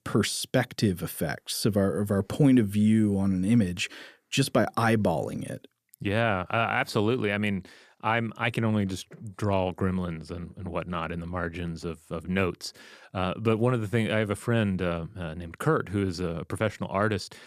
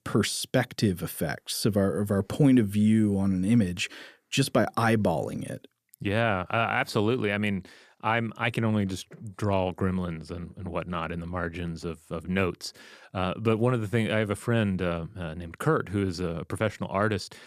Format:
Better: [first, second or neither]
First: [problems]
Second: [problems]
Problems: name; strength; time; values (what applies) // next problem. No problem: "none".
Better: neither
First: none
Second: none